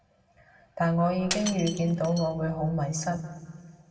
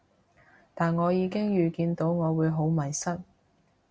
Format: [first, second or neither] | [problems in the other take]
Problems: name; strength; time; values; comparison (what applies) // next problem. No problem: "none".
second | background sound (Shatter); 11 dB below the speech // room echo; dies away in 1.5 s